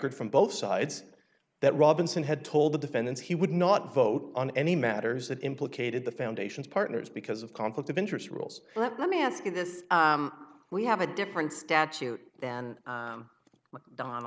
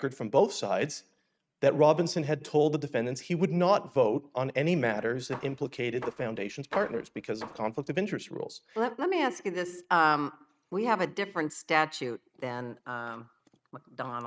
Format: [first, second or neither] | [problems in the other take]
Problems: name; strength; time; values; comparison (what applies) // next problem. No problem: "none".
first | noise reduction (neural mask model RNNoise)